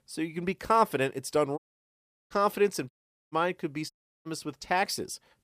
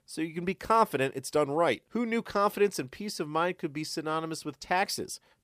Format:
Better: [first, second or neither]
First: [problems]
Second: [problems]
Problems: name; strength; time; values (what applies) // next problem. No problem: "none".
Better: second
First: audio cutting out; at 1.5 s for 0.5 s, at 3 s and at 4 s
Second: none